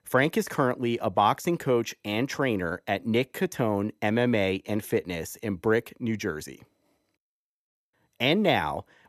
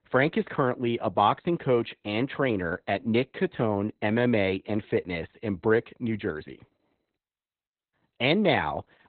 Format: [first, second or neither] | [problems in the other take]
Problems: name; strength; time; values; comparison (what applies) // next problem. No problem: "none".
first | garbled, watery; badly; nothing above 4 kHz